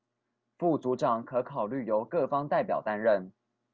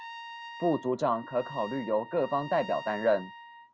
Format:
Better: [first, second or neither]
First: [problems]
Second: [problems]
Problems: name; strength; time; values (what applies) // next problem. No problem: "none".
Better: first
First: none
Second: background sound (Trumpet); 14 dB below the speech